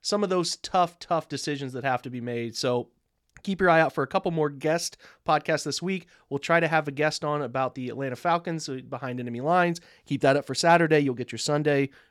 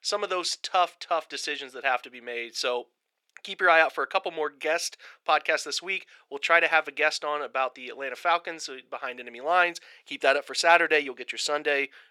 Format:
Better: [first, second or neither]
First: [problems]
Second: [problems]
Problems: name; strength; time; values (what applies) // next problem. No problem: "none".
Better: first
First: none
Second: thin; very; fading below 450 Hz